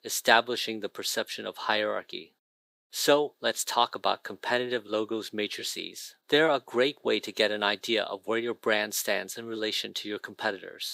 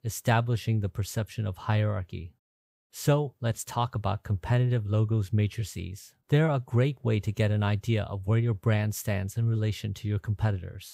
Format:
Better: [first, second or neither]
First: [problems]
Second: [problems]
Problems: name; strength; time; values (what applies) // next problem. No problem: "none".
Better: second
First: thin; very; fading below 300 Hz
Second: none